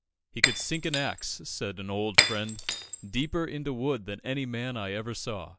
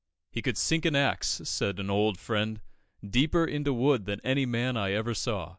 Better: second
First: background sound (Shatter); 2 dB above the speech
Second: none

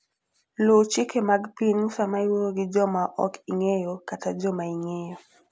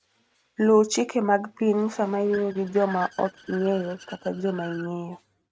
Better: first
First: none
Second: noise reduction (neural mask model RNNoise)

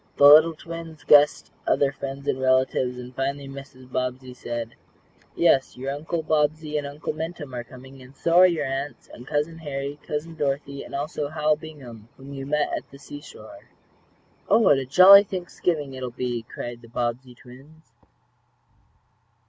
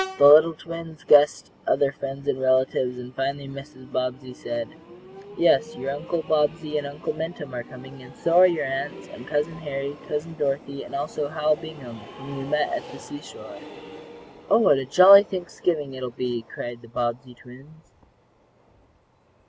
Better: first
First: none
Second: background sound (Train); 18 dB below the speech

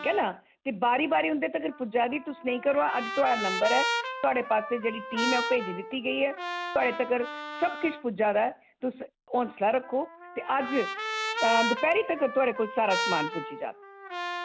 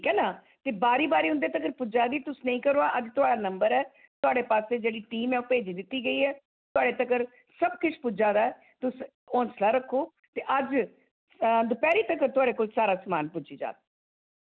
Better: second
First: background sound (Trumpet); 6 dB below the speech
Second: none

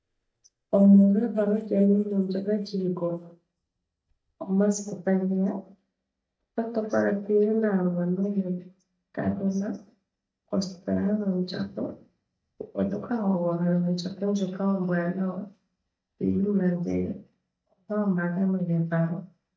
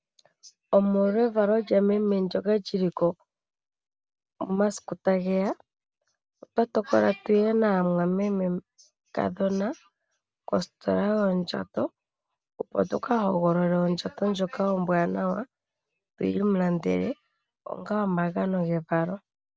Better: second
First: noise reduction (neural mask model DeepFilterNet 3)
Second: none

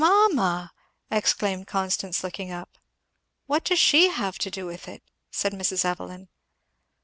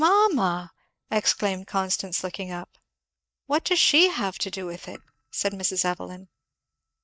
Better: first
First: none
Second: noise reduction (neural mask model DeepFilterNet 3)

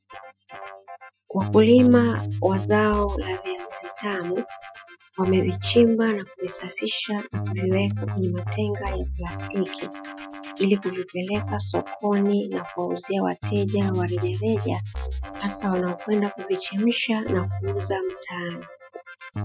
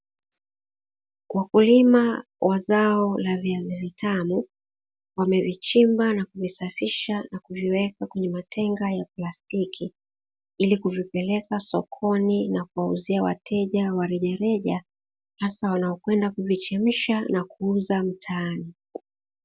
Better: second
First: noise reduction (classical method Wiener filter)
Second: none

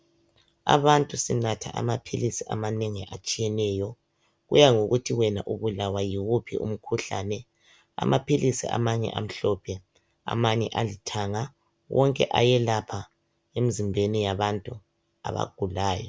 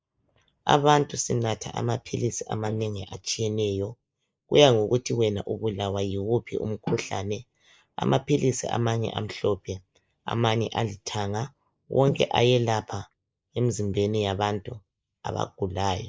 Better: first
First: none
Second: noise reduction (neural mask model Resemble Enhance denoiser)

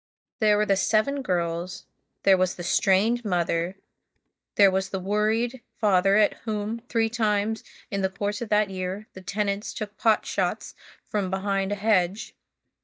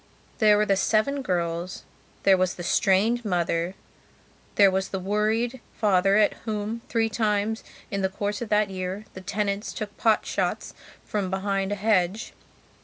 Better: second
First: noise reduction (neural mask model DeepFilterNet 3)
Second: none

